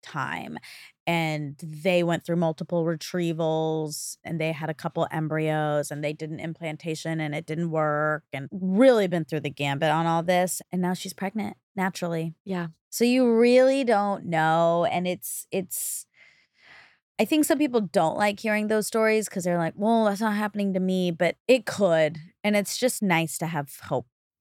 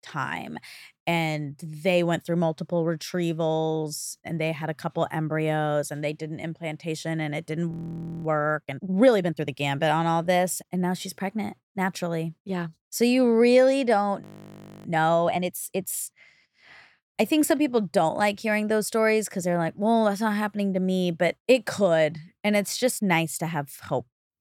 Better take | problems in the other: first | audio freezing; at 7.5 s for 0.5 s and at 14 s for 0.5 s

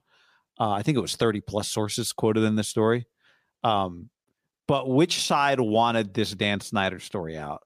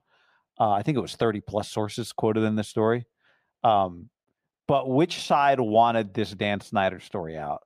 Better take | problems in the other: first | muffled; slightly; fading above 4 kHz

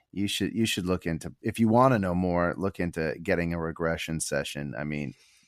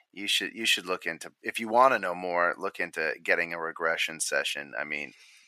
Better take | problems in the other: first | thin; very; fading below 500 Hz

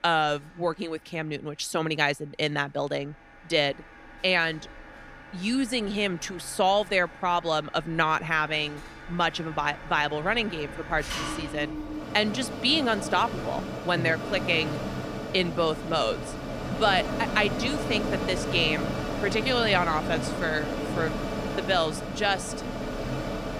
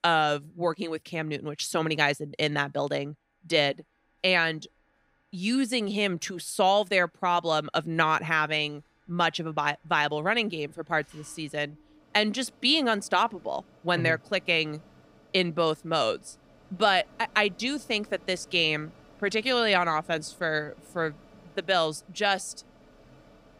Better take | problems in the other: second | machinery noise; loud; throughout; 6 dB below the speech; faint in the second

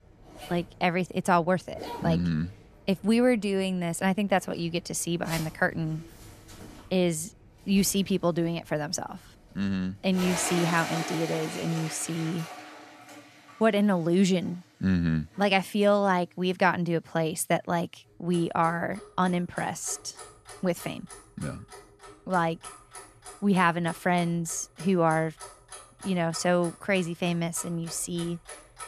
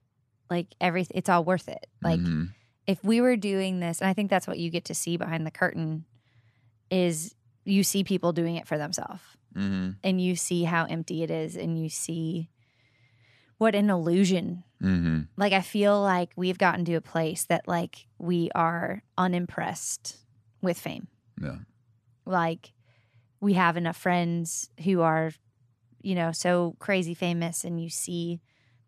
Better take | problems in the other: second | household noises; noticeable; throughout; 15 dB below the speech

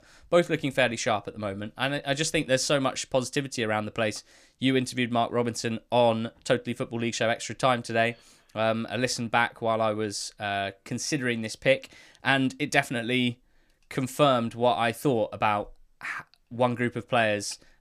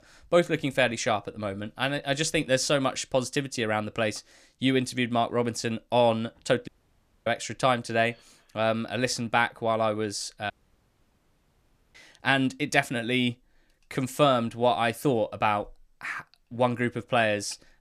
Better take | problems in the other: first | audio cutting out; at 6.5 s for 0.5 s and at 11 s for 1.5 s

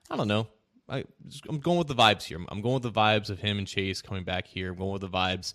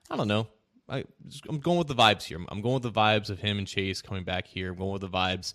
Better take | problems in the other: neither | none

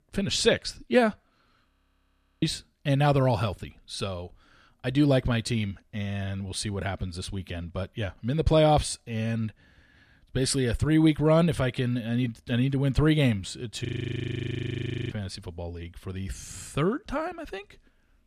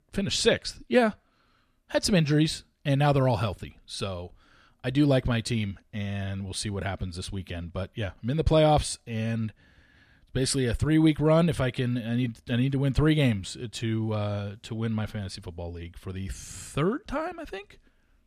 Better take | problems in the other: second | audio freezing; at 1.5 s for 0.5 s and at 14 s for 1.5 s

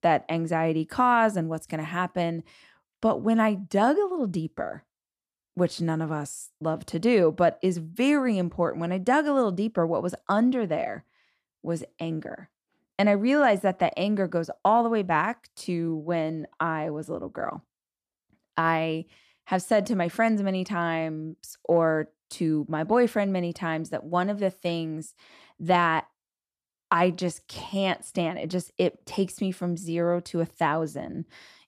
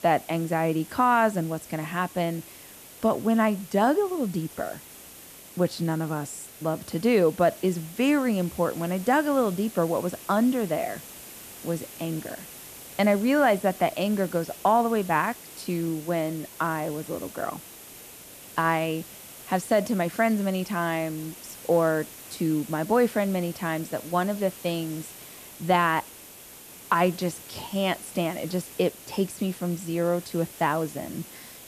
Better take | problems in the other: first | hiss; noticeable; throughout; 15 dB below the speech

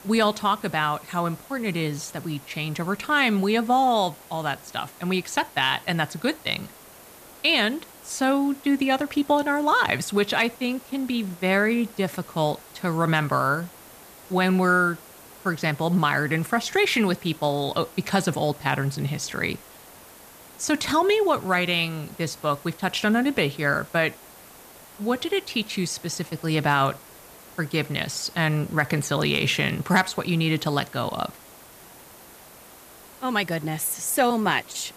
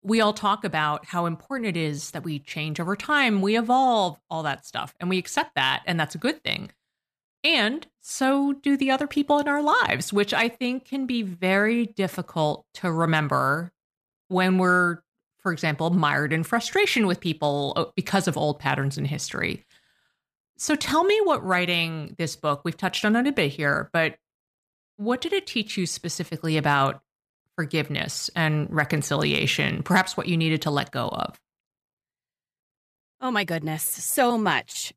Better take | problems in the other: second | hiss; faint; throughout; 20 dB below the speech

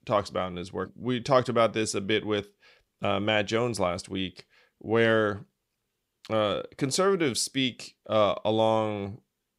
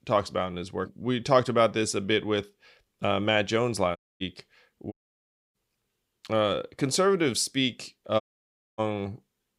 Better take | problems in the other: first | audio cutting out; at 4 s, at 5 s for 0.5 s and at 8 s for 0.5 s

